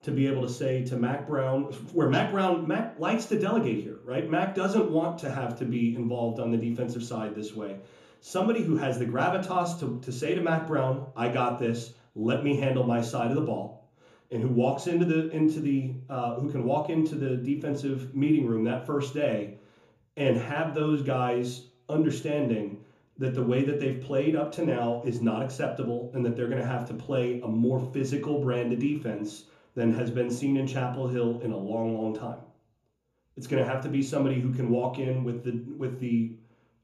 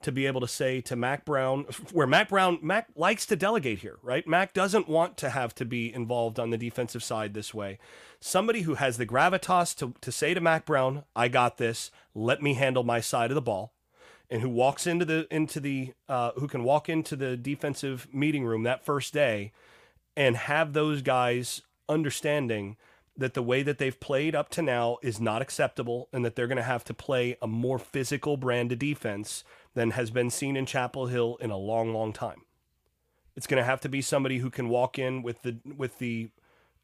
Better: second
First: room echo; slight; dies away in 0.5 s // off-mic speech; far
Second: none

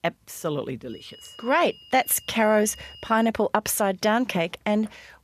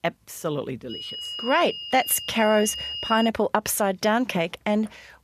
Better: first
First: high-pitched whine; faint; from 1 to 3.5 s; 3 kHz, 20 dB below the speech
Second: high-pitched whine; loud; from 1 to 3.5 s; 3 kHz, 8 dB below the speech

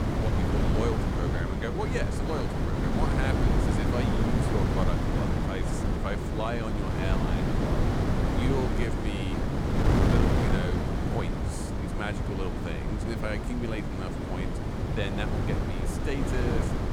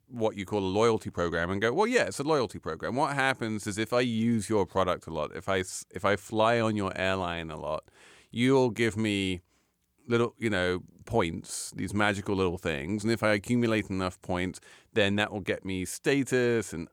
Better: second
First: wind noise on the microphone; heavy; 3 dB above the speech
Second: none

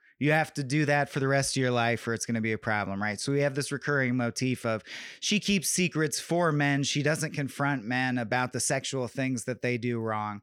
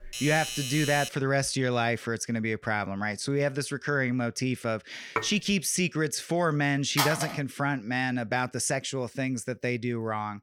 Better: first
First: none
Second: doorbell; noticeable; until 1 s; peak 4 dB below the speech // clattering dishes; noticeable; at 5 s; peak 5 dB below the speech // phone ringing; loud; at 7 s; peak 1 dB above the speech

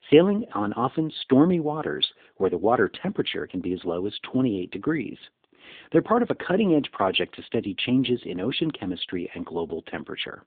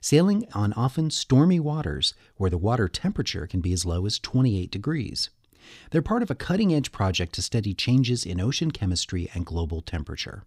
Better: second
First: phone-call audio; nothing above 3.5 kHz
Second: none

